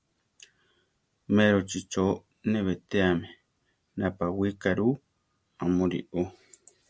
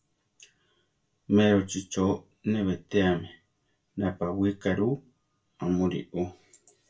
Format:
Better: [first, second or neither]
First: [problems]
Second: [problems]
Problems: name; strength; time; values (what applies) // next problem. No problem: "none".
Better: first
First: none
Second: room echo; dies away in 0.2 s